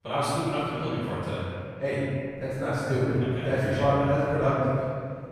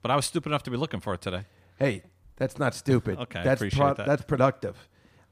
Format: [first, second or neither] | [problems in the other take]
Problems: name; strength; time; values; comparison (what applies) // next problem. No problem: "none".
second | off-mic speech; far // room echo; strong; dies away in 2 s